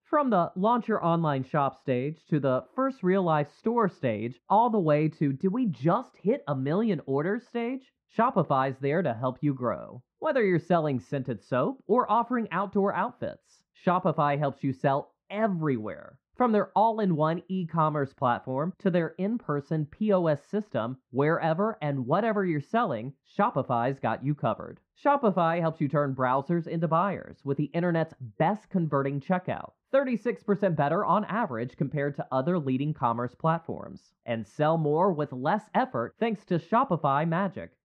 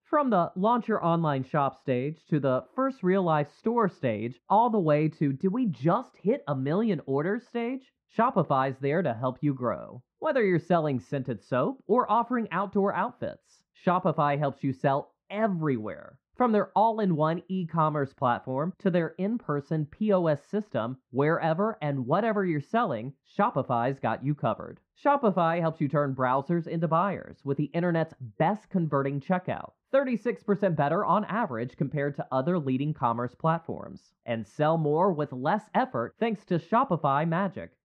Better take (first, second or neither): neither